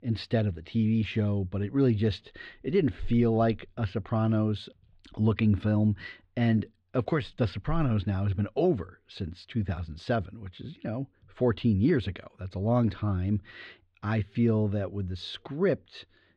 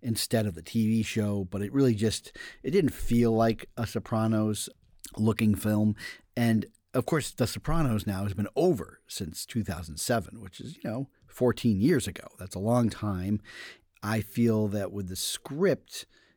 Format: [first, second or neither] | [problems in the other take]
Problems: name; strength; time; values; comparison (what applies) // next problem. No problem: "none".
second | muffled; slightly; fading above 3.5 kHz